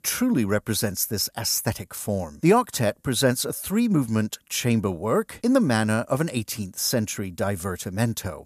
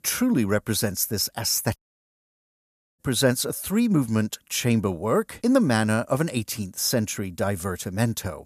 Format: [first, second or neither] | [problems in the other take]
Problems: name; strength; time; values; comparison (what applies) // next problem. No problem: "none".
first | audio cutting out; at 2 s for 1 s